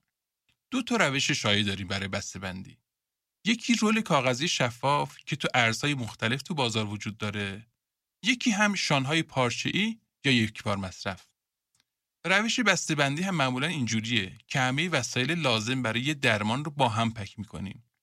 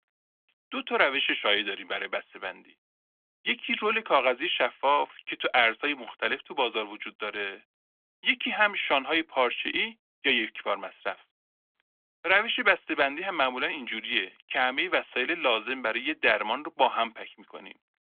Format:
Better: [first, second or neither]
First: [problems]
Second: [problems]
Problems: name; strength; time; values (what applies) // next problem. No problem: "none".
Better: first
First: none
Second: phone-call audio; nothing above 3.5 kHz